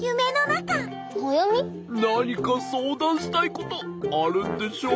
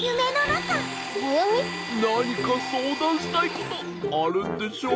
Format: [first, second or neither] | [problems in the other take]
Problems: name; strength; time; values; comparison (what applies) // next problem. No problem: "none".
first | background sound (Domestic sounds, home sounds); 9 dB below the speech